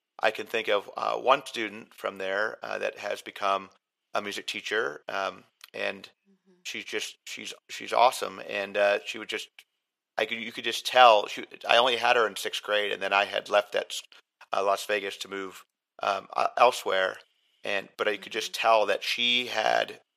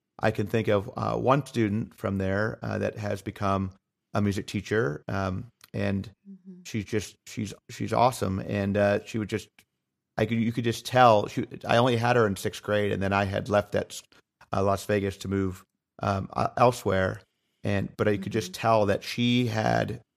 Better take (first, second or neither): second